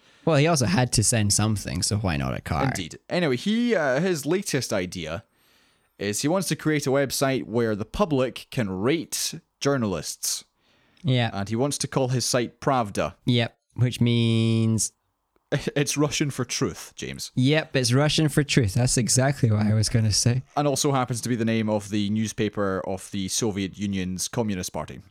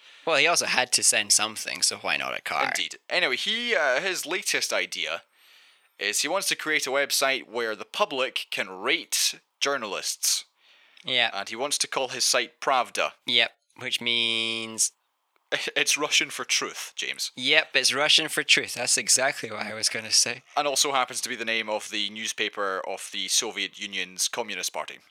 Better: first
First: none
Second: thin; very; fading below 650 Hz

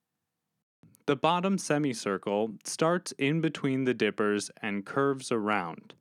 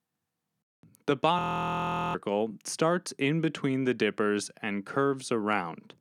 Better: first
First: none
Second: audio freezing; at 1.5 s for 1 s

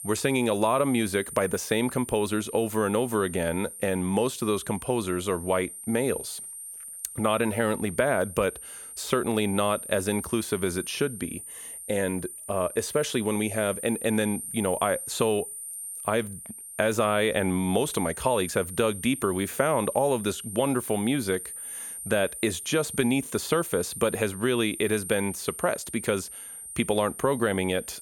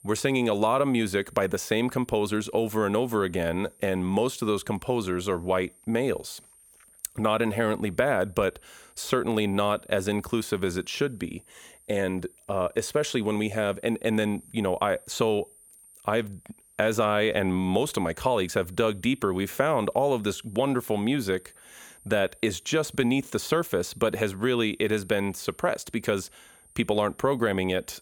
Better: second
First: high-pitched whine; loud; throughout; 9 kHz, 10 dB below the speech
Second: high-pitched whine; faint; throughout; 9 kHz, 25 dB below the speech

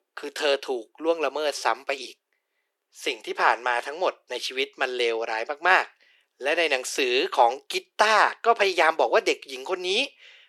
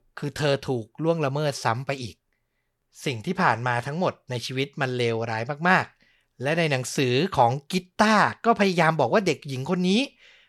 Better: second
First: thin; very; fading below 350 Hz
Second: none

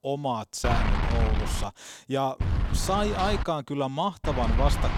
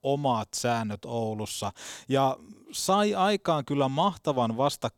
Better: second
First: wind noise on the microphone; heavy; at 0.5 s, from 2.5 to 3.5 s and at 4 s; 5 dB below the speech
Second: none

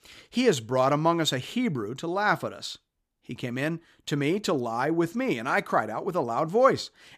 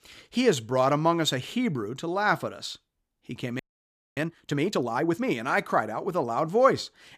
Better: first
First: none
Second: audio freezing; at 3.5 s for 0.5 s

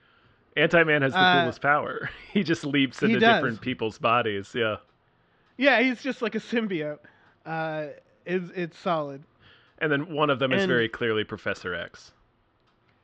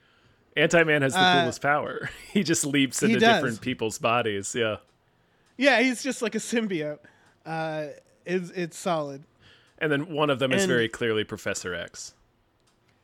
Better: second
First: muffled; slightly; fading above 4 kHz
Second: none

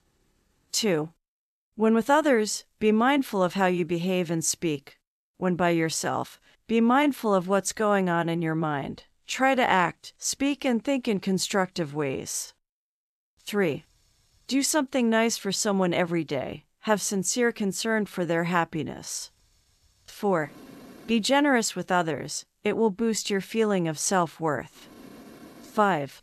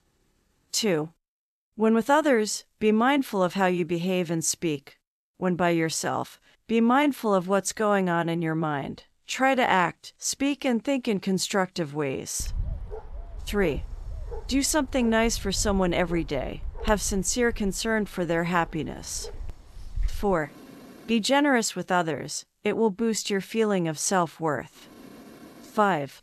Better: first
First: none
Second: dog barking; noticeable; from 12 to 20 s; peak 9 dB below the speech

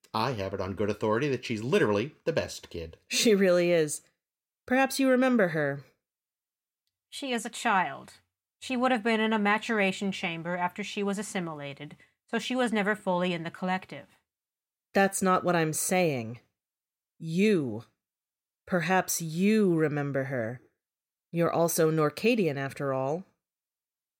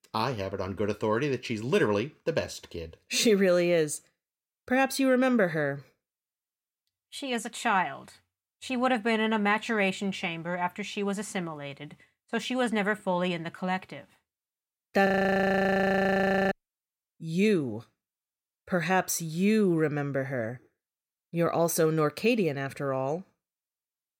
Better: first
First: none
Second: audio freezing; at 15 s for 1.5 s

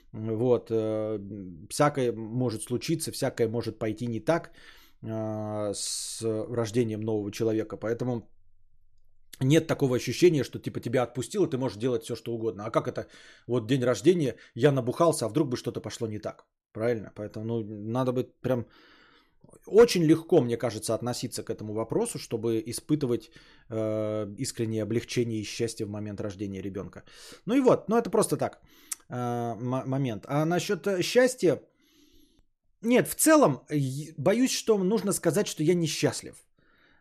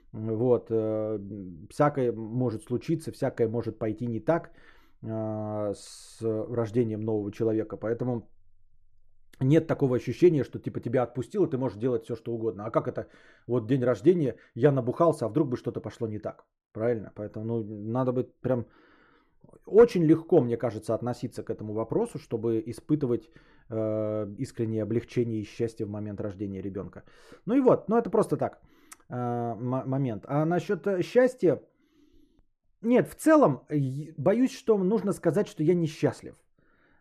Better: first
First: none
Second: muffled; slightly; fading above 2.5 kHz

